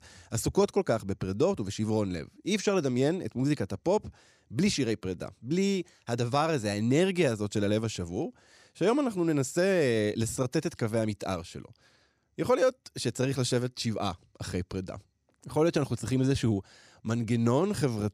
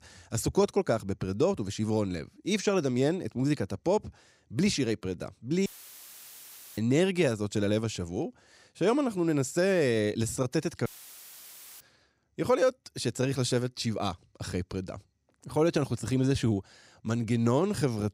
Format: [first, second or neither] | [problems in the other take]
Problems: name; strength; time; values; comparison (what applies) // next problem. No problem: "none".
first | audio cutting out; filled with static; at 5.5 s for 1 s and at 11 s for 1 s